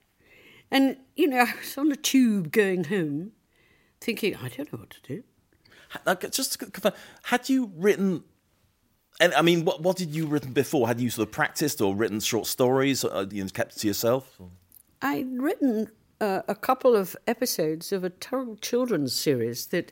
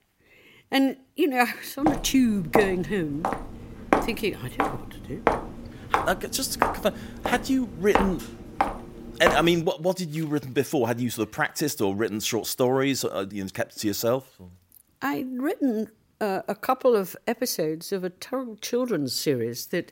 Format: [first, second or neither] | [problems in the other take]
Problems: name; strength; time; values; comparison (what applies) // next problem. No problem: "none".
first | footsteps; loud; from 2 to 9.5 s; peak 1 dB above the speech